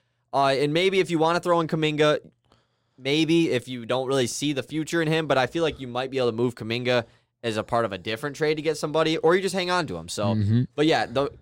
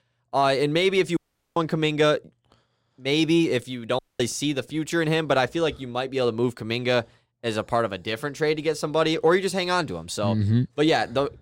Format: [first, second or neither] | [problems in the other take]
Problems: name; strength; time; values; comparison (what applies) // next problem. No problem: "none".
first | audio cutting out; at 1 s and at 4 s